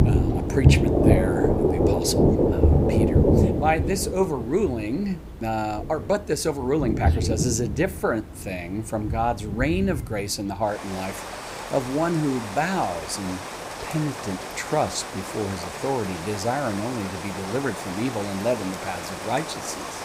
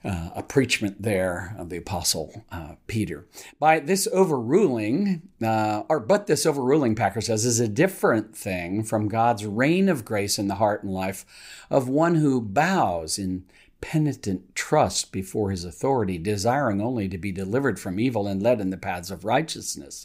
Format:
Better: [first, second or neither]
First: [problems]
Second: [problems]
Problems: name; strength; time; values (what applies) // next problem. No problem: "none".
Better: second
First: rain or running water; very loud; throughout; 2 dB above the speech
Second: none